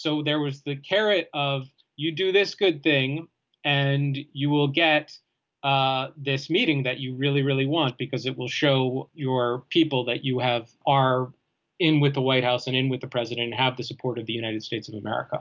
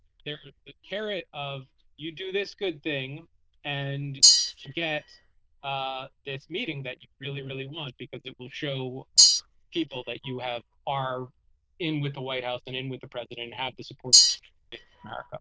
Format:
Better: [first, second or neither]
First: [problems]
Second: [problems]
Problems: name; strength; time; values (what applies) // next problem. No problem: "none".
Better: first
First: none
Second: noise reduction (neural diffusion model UNIVERSE++)